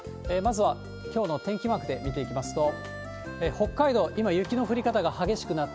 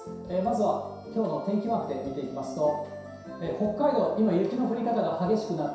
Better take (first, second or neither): first